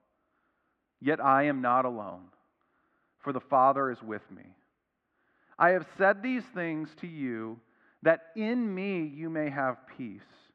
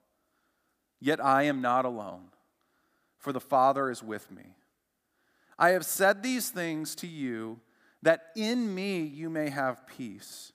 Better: second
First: muffled; very; fading above 2.5 kHz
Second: none

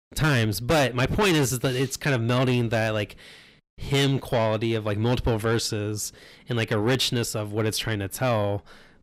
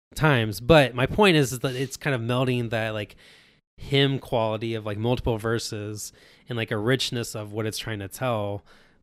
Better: second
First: distortion; heavy; 6 dB below the speech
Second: none

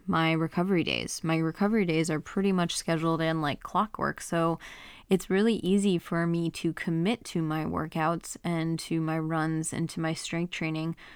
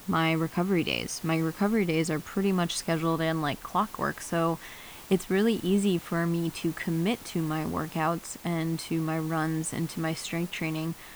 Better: first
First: none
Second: hiss; noticeable; throughout; 15 dB below the speech

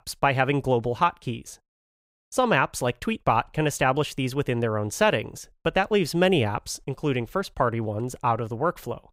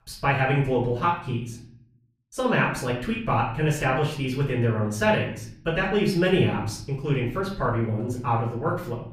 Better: first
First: none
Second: off-mic speech; far // room echo; noticeable; dies away in 0.7 s

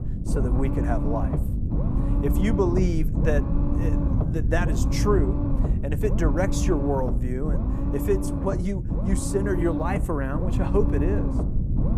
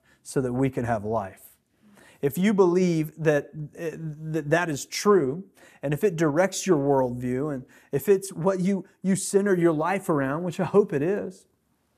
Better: second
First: low rumble; loud; throughout; 5 dB below the speech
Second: none

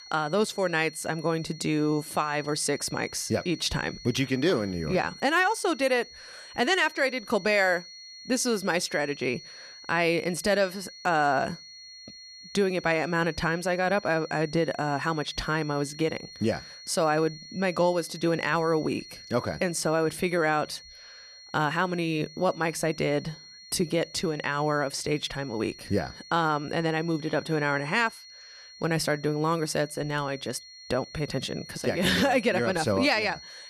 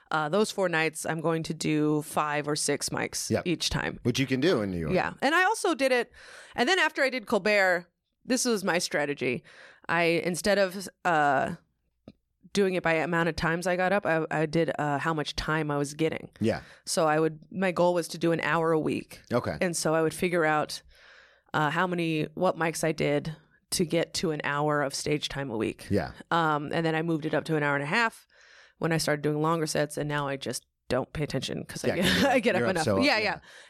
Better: second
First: high-pitched whine; noticeable; throughout; 4.5 kHz, 15 dB below the speech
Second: none

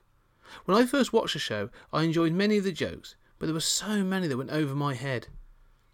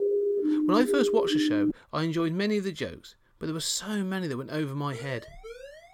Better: first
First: none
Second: siren; loud; until 1.5 s; peak 4 dB above the speech // siren; faint; from 5 s on; peak 15 dB below the speech

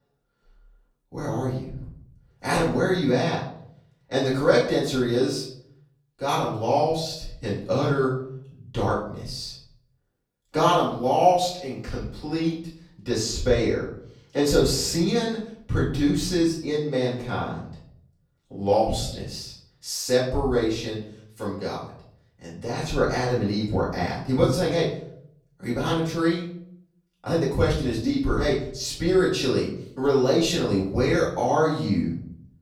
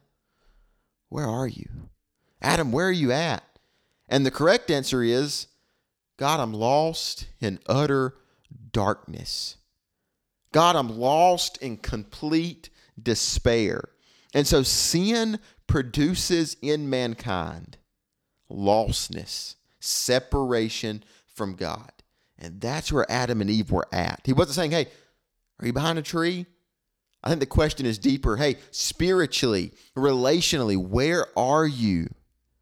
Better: second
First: off-mic speech; far // room echo; noticeable; dies away in 0.6 s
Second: none

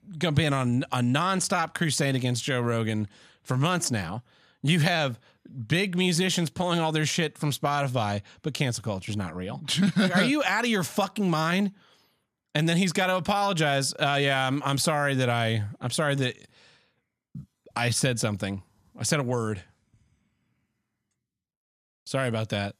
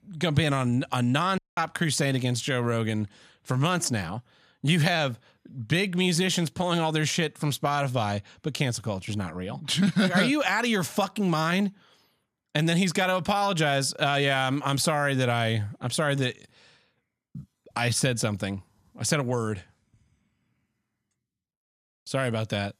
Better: first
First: none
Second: audio cutting out; at 1.5 s

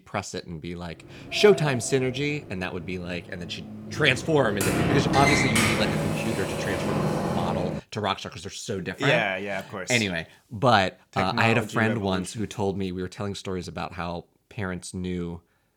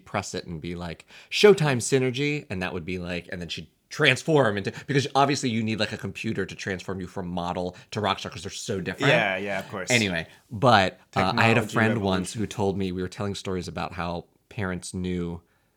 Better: second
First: door banging; loud; from 1.5 to 8 s; peak 6 dB above the speech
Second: none

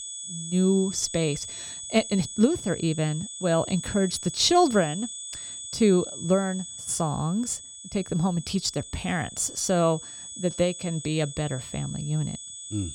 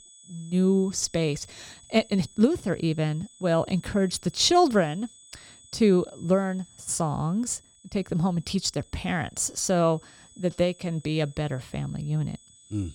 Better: second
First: high-pitched whine; loud; throughout; 8 kHz, 10 dB below the speech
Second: high-pitched whine; faint; throughout; 8 kHz, 25 dB below the speech

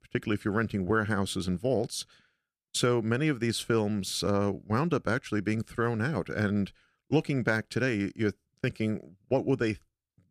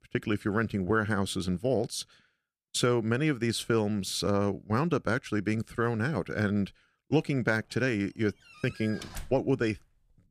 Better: first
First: none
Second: door banging; faint; at 8.5 s; peak 15 dB below the speech

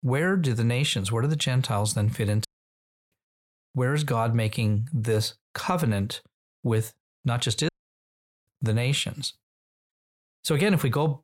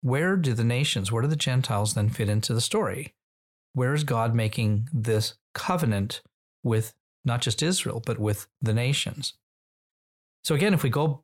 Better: second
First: audio cutting out; at 2.5 s for 0.5 s and at 7.5 s for 1 s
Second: none

